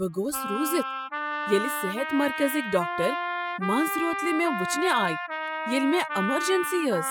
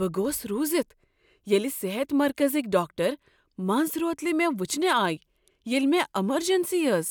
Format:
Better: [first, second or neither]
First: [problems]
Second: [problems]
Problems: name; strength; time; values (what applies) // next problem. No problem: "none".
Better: second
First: noise reduction (classical method spectral subtraction)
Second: none